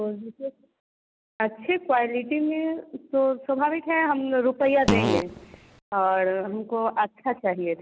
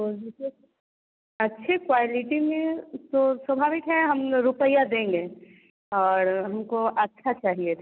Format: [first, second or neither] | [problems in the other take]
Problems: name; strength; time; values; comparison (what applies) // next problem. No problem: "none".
second | background sound (Fart); 1 dB below the speech